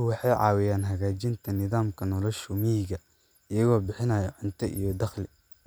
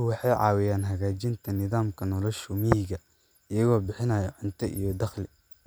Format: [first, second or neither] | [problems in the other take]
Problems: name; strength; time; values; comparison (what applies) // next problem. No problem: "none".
first | background sound (Tap); 11 dB below the speech